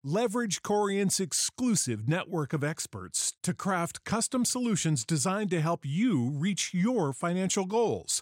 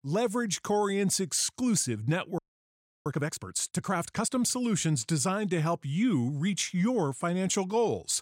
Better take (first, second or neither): first